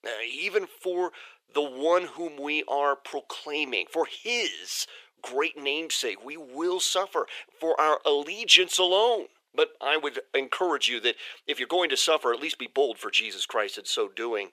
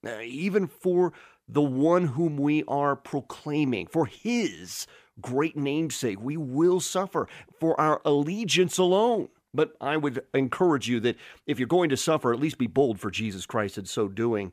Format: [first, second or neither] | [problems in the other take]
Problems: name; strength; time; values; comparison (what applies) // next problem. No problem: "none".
second | thin; very; fading below 450 Hz